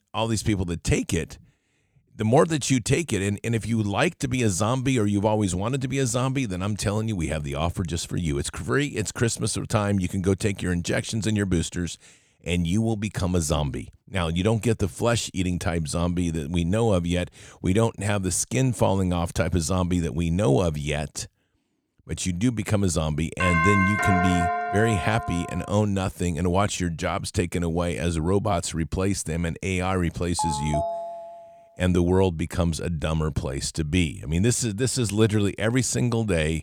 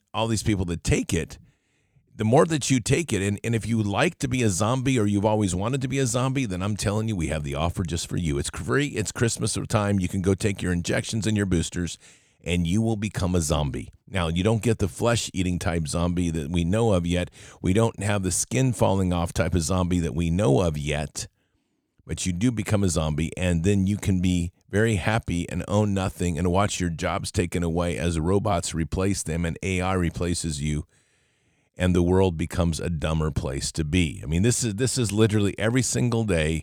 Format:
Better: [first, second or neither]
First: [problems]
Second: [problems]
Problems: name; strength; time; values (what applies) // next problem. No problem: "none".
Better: second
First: doorbell; loud; from 23 to 26 s; peak 3 dB above the speech // phone ringing; noticeable; from 30 to 31 s; peak 3 dB below the speech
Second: none